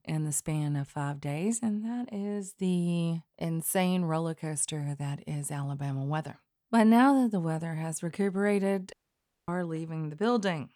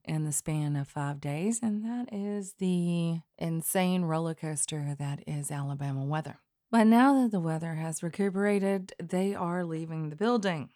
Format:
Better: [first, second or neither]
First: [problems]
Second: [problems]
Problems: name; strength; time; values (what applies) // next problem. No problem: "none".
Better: second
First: audio cutting out; at 9 s for 0.5 s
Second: none